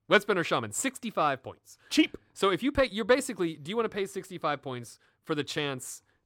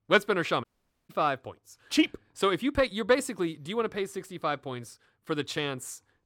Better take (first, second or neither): first